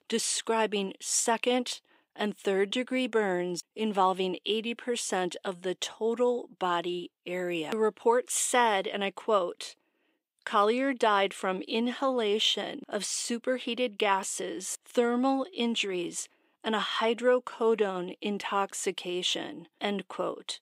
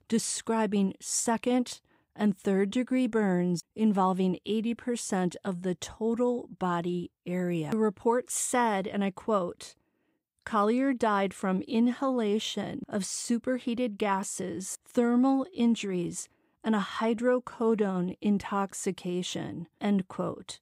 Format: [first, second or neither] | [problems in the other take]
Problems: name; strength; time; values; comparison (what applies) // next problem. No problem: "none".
second | thin; somewhat; fading below 400 Hz